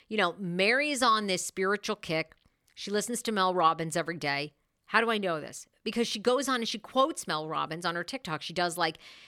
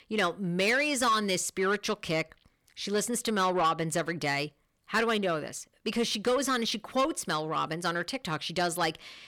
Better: first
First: none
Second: distortion; slight; 10 dB below the speech

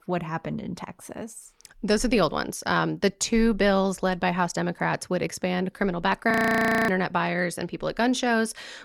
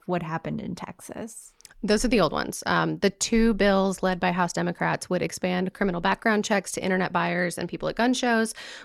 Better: second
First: audio freezing; at 6.5 s for 0.5 s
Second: none

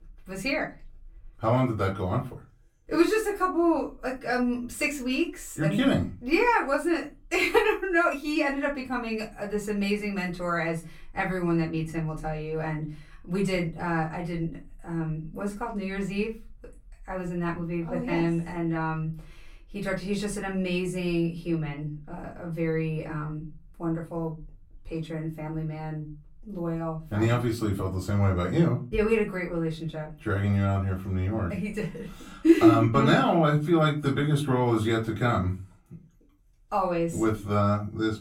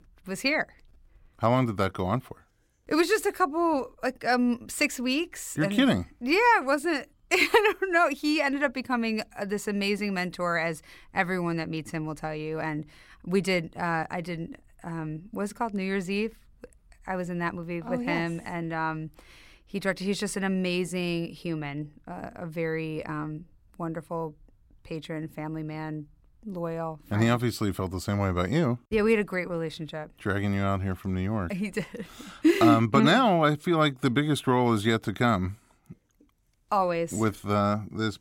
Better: second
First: off-mic speech; far // room echo; very slight; dies away in 0.3 s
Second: none

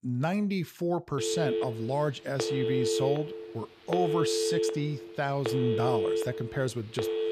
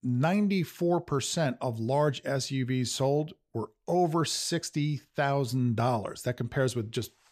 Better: second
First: phone ringing; loud; from 1 s on; peak 3 dB above the speech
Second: none

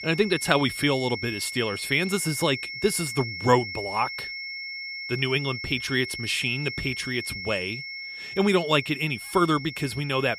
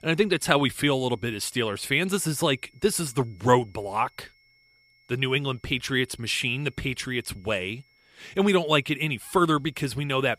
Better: second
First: high-pitched whine; loud; throughout; 2 kHz, 8 dB below the speech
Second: high-pitched whine; faint; throughout; 2 kHz, 35 dB below the speech

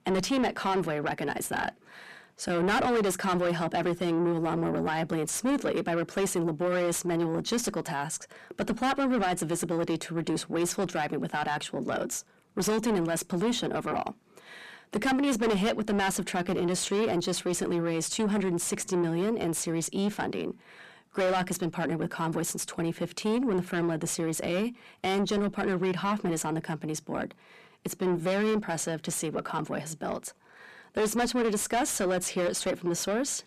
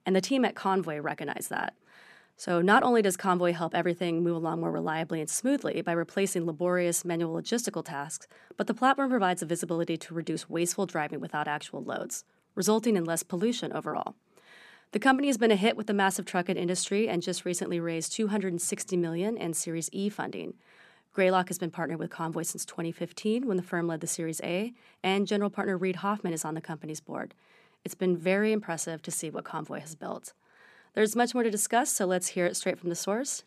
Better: second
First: distortion; heavy; 6 dB below the speech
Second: none

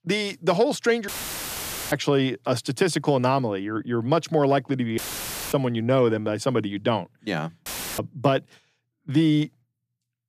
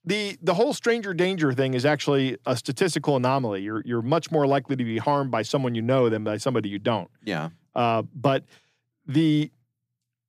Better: second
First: audio cutting out; filled with static; at 1 s for 1 s, at 5 s for 0.5 s and at 7.5 s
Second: none

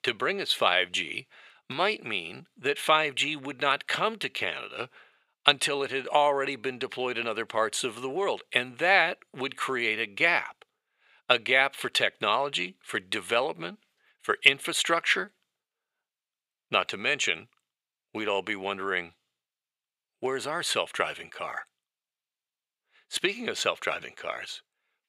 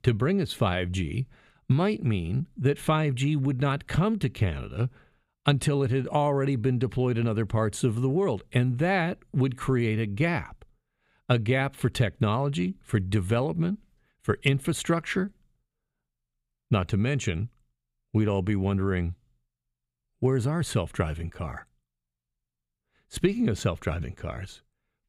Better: second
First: thin; very; fading below 600 Hz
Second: none

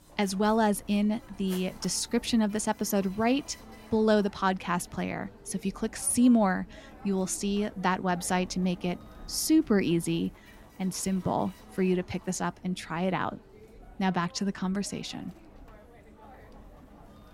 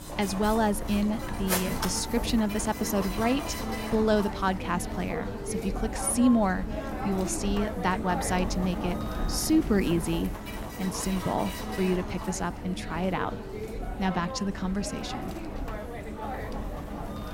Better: first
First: machinery noise; faint; throughout; 20 dB below the speech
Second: machinery noise; loud; throughout; 6 dB below the speech

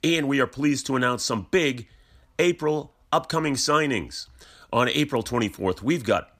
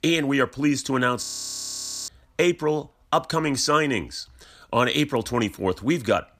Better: first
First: none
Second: audio freezing; at 1 s for 1 s

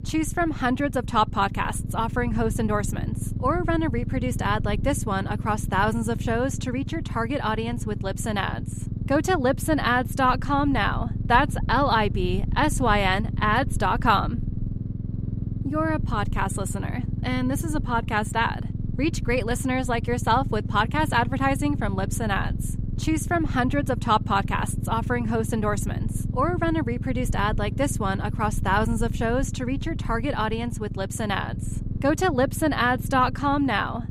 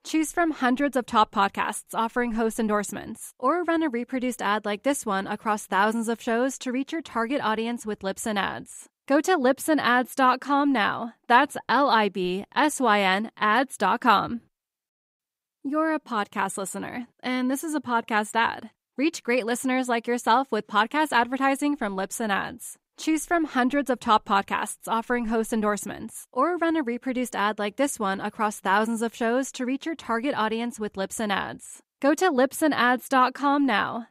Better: second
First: low rumble; noticeable; throughout; 15 dB below the speech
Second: none

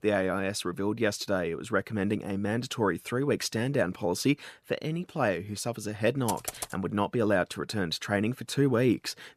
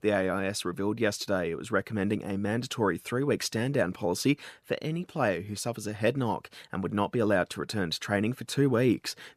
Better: second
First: keyboard typing; noticeable; at 6.5 s; peak 6 dB below the speech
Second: none

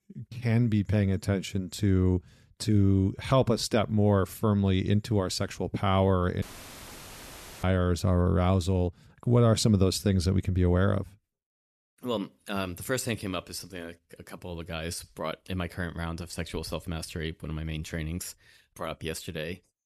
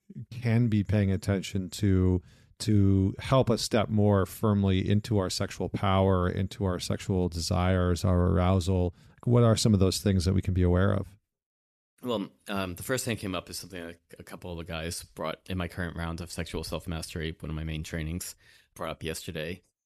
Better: second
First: audio cutting out; filled with static; at 6.5 s for 1 s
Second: none

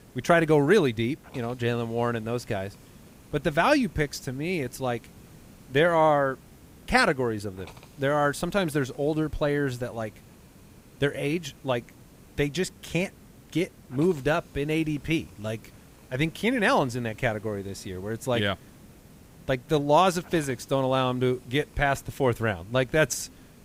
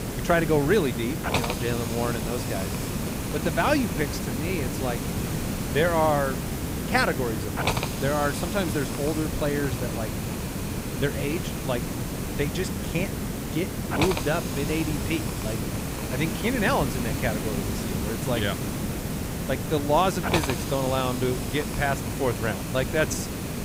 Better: first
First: hiss; faint; throughout; 25 dB below the speech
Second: hiss; loud; throughout; 2 dB below the speech

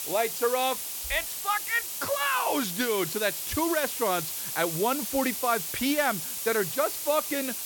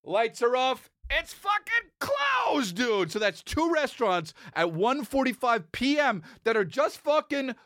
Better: second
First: hiss; loud; throughout; 3 dB below the speech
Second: none

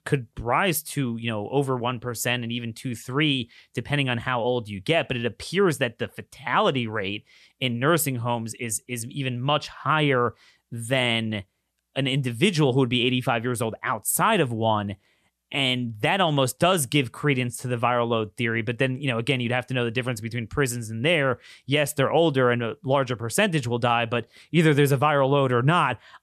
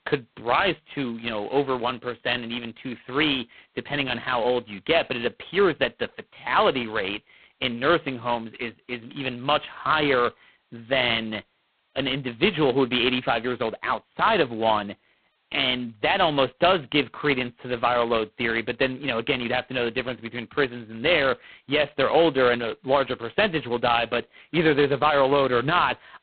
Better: first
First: none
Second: phone-call audio; poor line; nothing above 3.5 kHz

